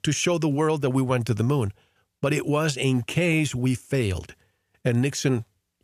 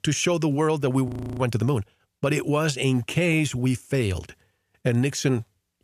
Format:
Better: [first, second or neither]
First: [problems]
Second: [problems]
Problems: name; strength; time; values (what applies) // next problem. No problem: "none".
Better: first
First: none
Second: audio freezing; at 1 s